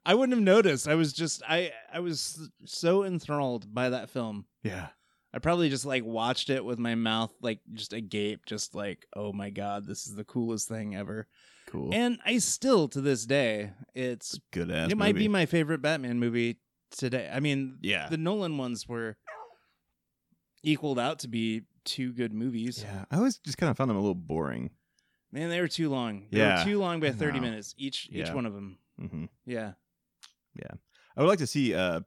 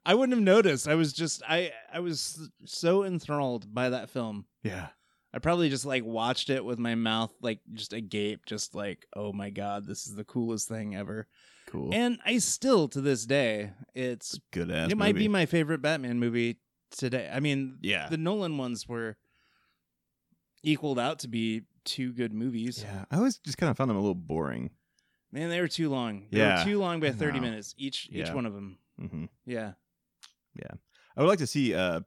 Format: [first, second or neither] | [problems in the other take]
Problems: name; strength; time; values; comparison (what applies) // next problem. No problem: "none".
second | dog barking; faint; at 19 s; peak 15 dB below the speech